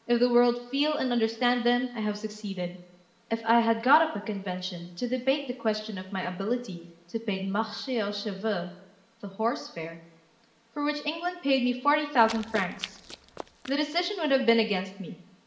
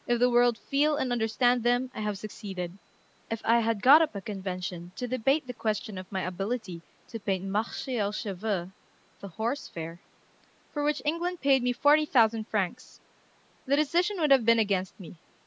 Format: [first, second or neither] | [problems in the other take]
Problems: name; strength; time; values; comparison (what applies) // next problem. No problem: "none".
second | background sound (Run); 15 dB below the speech // room echo; dies away in 0.8 s